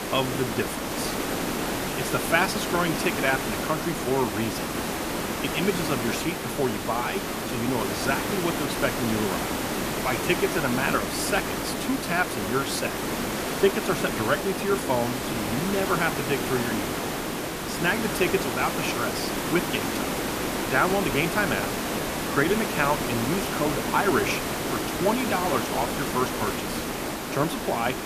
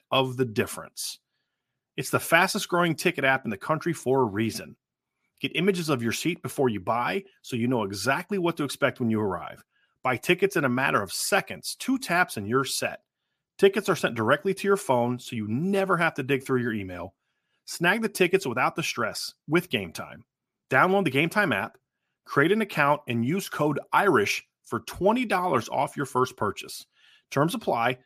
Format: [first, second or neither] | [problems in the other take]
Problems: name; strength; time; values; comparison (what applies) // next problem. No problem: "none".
second | hiss; loud; throughout; 1 dB below the speech